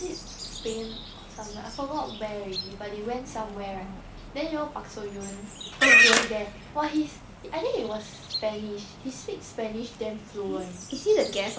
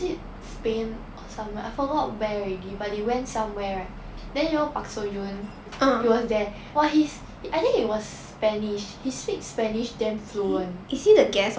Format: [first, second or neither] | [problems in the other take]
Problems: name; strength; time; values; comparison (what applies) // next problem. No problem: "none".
second | background sound (Splash, splatter + Livestock, farm animals, working animals); 1 dB above the speech